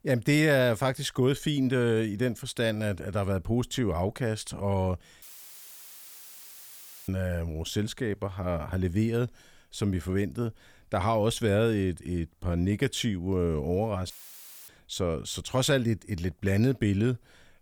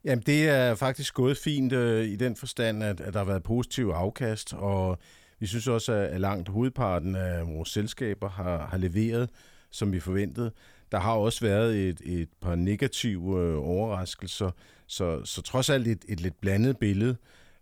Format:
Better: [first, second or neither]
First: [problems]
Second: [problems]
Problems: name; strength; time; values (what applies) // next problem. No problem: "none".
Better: second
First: audio cutting out; filled with static; at 5 s for 2 s and at 14 s for 0.5 s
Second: none